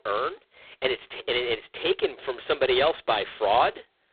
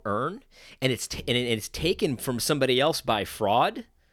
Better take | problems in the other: second | phone-call audio; poor line; nothing above 3.5 kHz

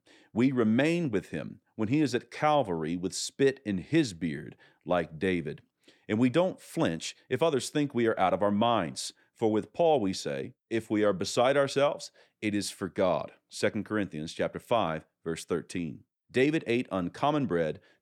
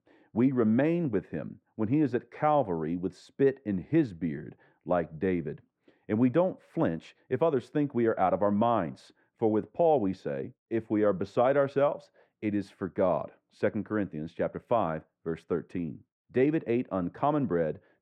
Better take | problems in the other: first | muffled; very; fading above 3 kHz

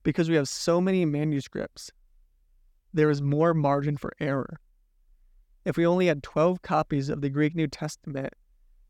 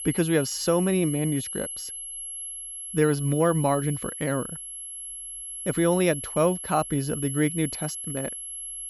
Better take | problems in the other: first | high-pitched whine; loud; throughout; 11 kHz, 7 dB below the speech

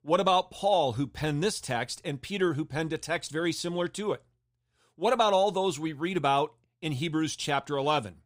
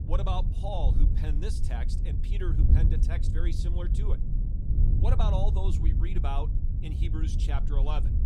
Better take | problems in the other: first | wind noise on the microphone; heavy; 5 dB below the speech

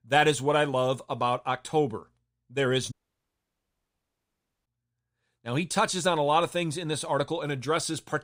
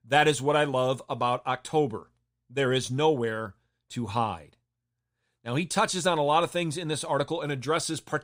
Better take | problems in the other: second | audio cutting out; at 3 s for 1.5 s

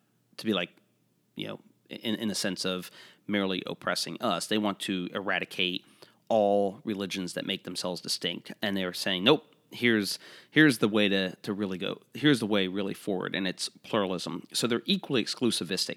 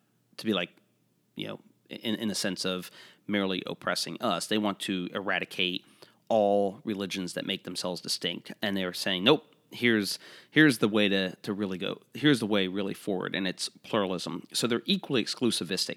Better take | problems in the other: neither | none

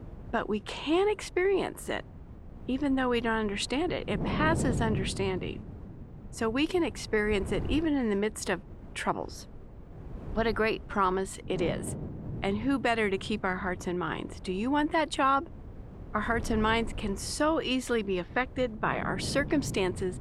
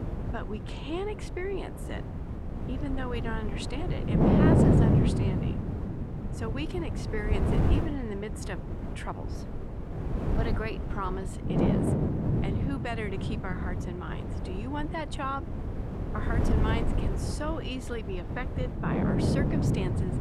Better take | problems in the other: first | wind noise on the microphone; heavy; 1 dB above the speech; occasional gusts in the first

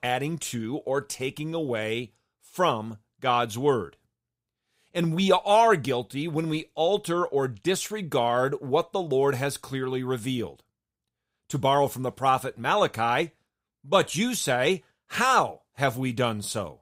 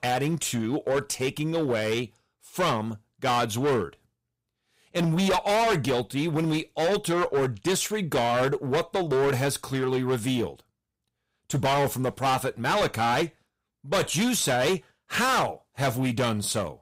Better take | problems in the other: first | distortion; heavy; 16% of the sound clipped

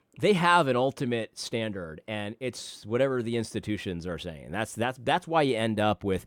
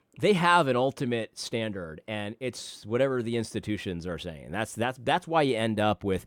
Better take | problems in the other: neither | none

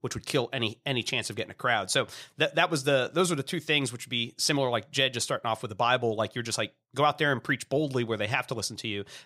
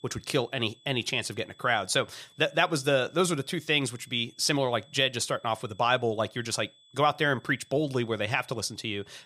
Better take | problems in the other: first | high-pitched whine; faint; throughout; 3.5 kHz, 30 dB below the speech

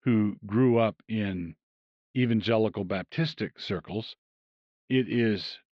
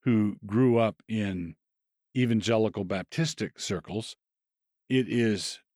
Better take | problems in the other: second | muffled; very slightly; fading above 4 kHz

